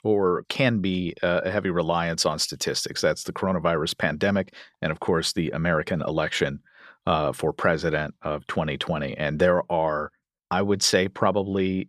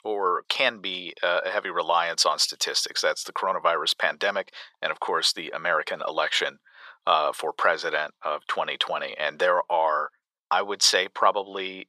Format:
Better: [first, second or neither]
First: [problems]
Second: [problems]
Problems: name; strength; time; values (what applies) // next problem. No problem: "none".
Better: first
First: none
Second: thin; very; fading below 700 Hz